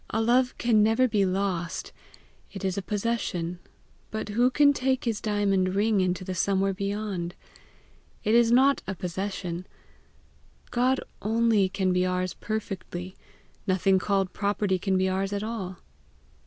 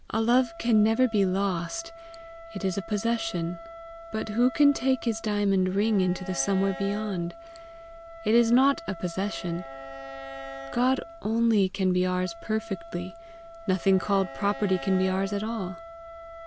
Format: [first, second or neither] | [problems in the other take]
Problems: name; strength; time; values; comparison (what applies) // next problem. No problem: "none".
first | background sound (Wind instrument, woodwind instrument + Bowed string instrument); 15 dB below the speech